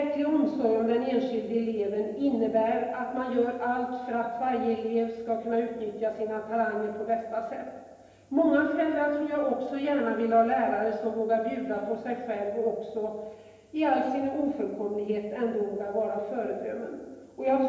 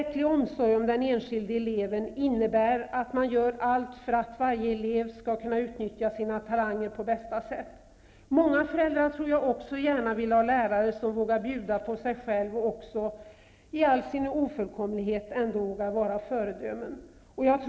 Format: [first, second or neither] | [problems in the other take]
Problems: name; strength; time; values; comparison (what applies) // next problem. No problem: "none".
second | room echo; dies away in 1 s